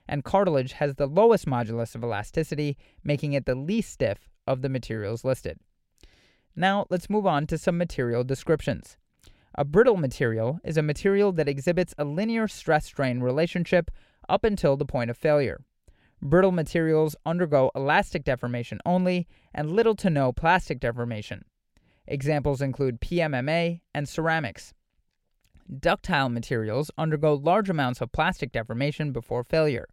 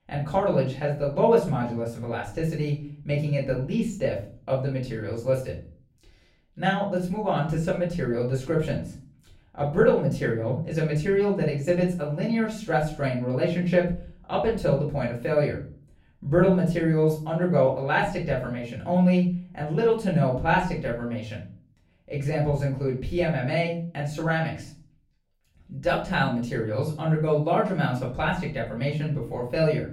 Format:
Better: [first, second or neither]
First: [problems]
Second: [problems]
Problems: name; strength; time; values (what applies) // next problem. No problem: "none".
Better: first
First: none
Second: off-mic speech; far // room echo; slight; dies away in 0.4 s